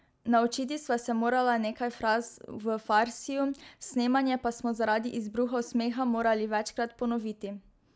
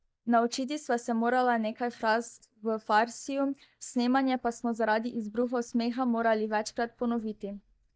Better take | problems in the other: first | noise reduction (neural mask model DeepFilterNet 3)

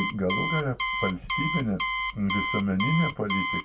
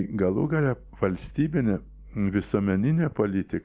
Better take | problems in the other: second | background sound (Alarm); 2 dB below the speech // room echo; dies away in 0.2 s

